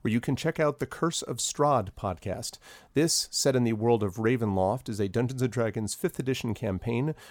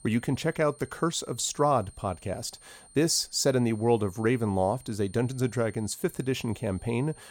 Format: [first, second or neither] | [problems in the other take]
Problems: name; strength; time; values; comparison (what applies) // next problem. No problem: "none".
first | high-pitched whine; faint; throughout; 9 kHz, 25 dB below the speech